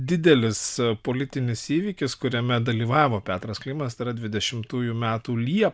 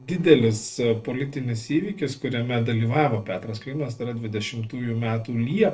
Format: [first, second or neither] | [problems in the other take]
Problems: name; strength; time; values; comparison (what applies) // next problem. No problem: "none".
first | noise reduction (neural separator model SepFormer DNS4)